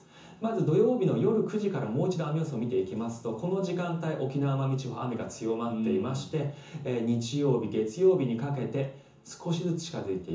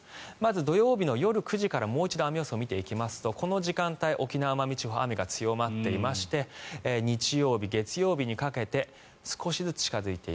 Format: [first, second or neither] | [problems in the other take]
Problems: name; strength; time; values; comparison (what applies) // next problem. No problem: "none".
second | room echo; dies away in 0.6 s